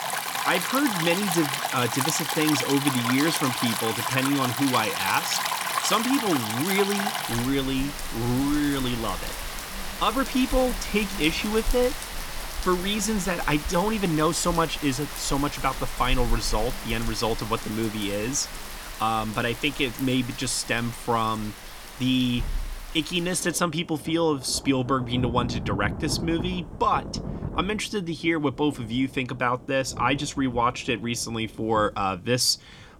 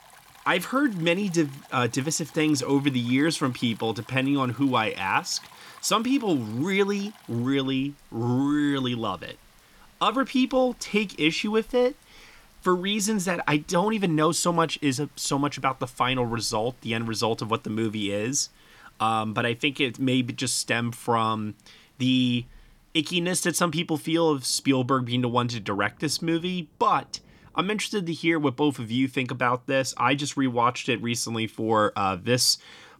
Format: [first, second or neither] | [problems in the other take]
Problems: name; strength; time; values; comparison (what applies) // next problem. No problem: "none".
second | rain or running water; loud; throughout; 5 dB below the speech; faint in the second